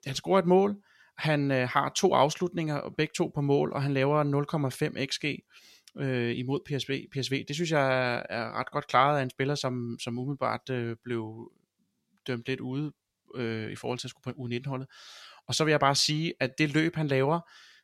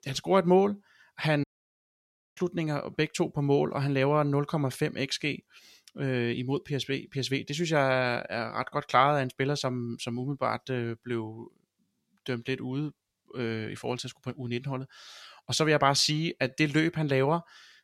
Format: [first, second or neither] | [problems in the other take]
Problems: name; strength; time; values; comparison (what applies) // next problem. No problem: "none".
first | audio cutting out; at 1.5 s for 1 s